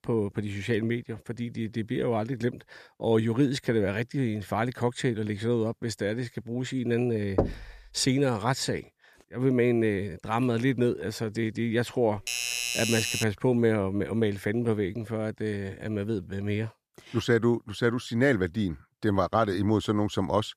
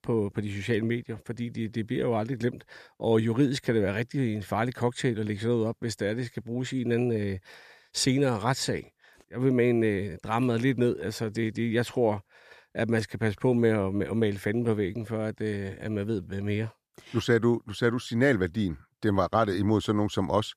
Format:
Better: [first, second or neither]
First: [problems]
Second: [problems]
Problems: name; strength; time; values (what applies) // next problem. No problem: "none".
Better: second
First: door banging; noticeable; at 7.5 s; peak 2 dB below the speech // doorbell; loud; from 12 to 13 s; peak 1 dB above the speech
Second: none